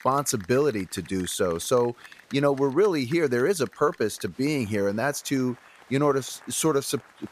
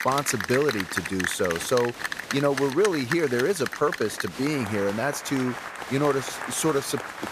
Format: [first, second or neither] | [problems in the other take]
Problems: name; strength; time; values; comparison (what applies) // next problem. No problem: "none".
first | crowd noise; loud; throughout; 6 dB below the speech; faint in the first